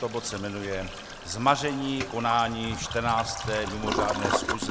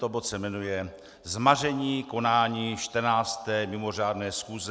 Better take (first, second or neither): second